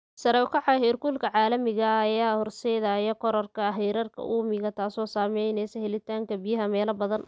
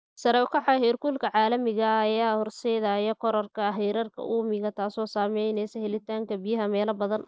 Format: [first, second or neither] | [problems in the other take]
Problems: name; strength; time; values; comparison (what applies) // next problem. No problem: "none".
first | noise reduction (neural mask model Resemble Enhance denoiser)